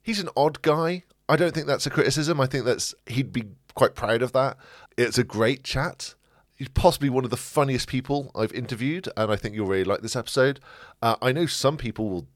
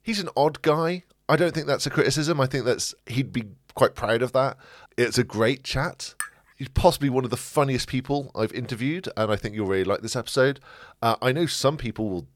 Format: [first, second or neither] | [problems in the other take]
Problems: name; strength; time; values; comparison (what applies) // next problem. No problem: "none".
first | clattering dishes; noticeable; at 6 s; peak 10 dB below the speech